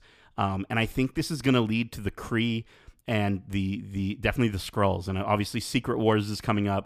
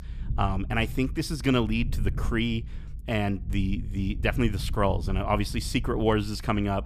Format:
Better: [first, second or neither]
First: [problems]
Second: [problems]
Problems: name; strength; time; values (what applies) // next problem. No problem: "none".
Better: first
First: none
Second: low rumble; faint; throughout; 20 dB below the speech